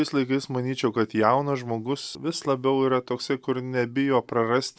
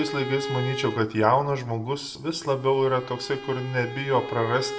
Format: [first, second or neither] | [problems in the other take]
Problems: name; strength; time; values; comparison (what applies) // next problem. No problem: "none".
first | background sound (Bowed string instrument); 11 dB below the speech // room echo; dies away in 0.5 s